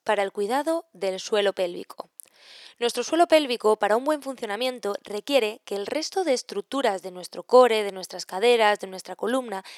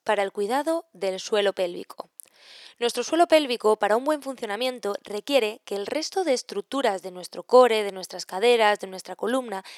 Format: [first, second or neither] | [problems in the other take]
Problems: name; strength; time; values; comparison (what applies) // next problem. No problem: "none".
neither | thin; somewhat; fading below 500 Hz; the same in both